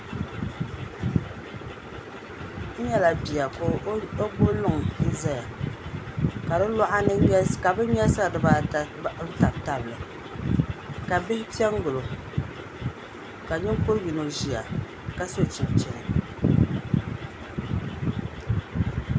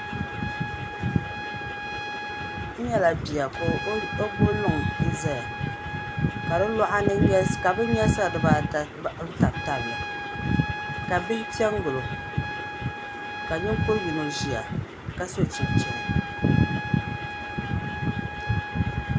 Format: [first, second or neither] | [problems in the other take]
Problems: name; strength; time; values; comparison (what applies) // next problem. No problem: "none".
first | background sound (Trumpet); 8 dB below the speech